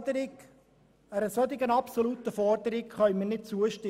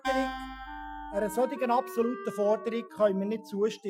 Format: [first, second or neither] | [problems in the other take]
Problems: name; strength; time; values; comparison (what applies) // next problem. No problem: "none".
first | noise reduction (classical method Wiener filter)